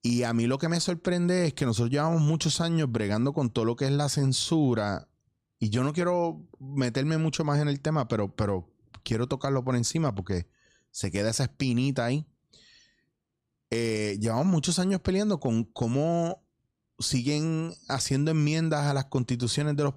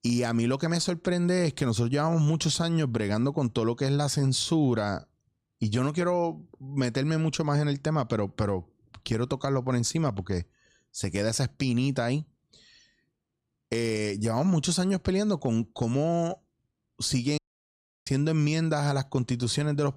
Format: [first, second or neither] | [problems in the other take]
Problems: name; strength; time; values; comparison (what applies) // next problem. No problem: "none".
first | audio cutting out; at 17 s for 0.5 s